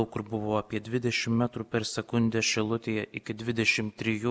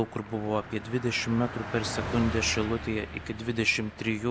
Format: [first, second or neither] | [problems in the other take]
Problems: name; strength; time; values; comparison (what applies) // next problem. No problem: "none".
first | background sound (Car passing by); 9 dB below the speech